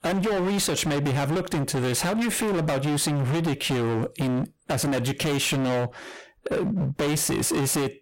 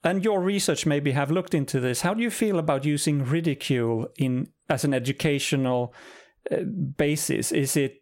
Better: second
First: distortion; heavy; 39% of the sound clipped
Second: none

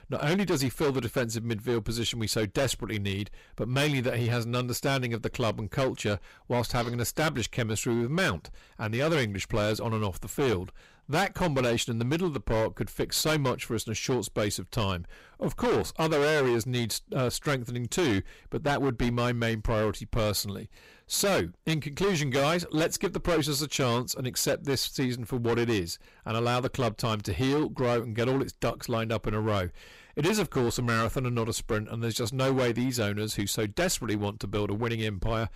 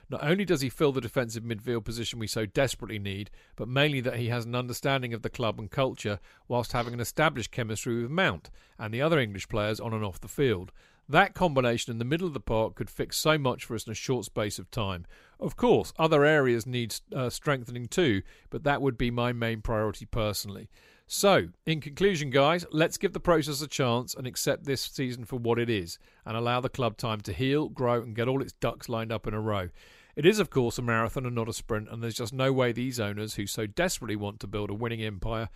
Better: second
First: distortion; heavy; 13% of the sound clipped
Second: none

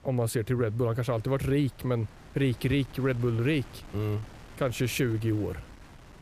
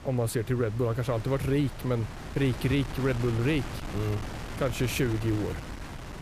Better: first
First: wind noise on the microphone; occasional gusts; 20 dB below the speech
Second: wind noise on the microphone; heavy; 9 dB below the speech

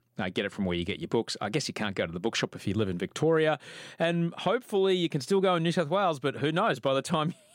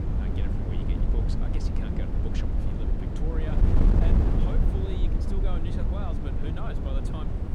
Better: first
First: none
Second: wind noise on the microphone; heavy; 4 dB above the speech

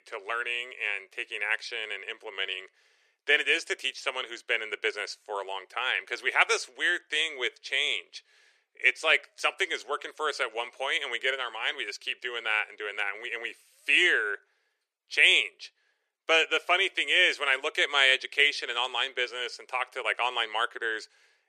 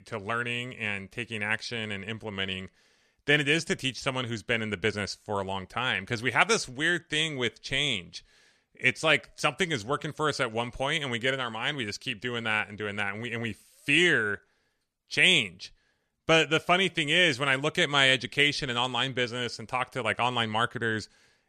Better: second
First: thin; very; fading below 400 Hz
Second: none

